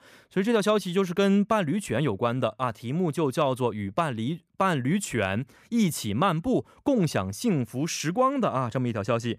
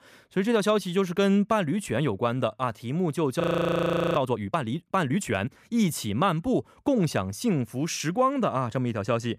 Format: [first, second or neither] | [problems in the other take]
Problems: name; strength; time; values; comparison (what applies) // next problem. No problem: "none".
first | audio freezing; at 3.5 s for 1 s